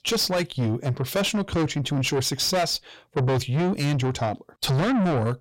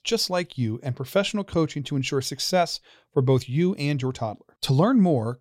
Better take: second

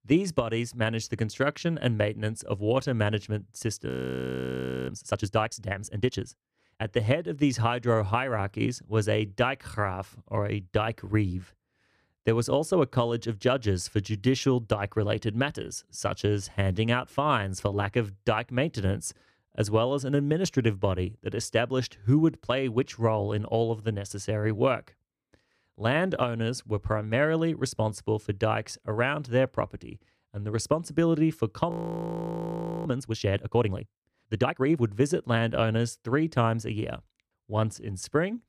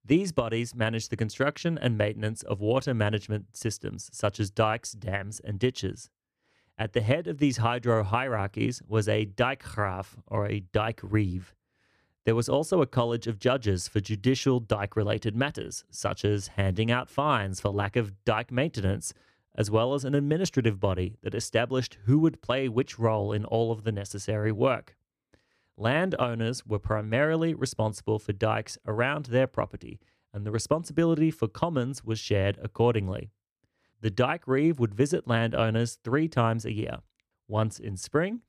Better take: second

